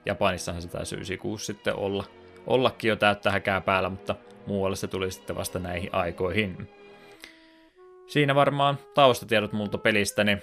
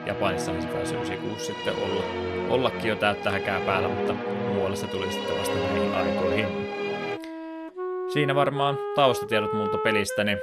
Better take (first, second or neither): first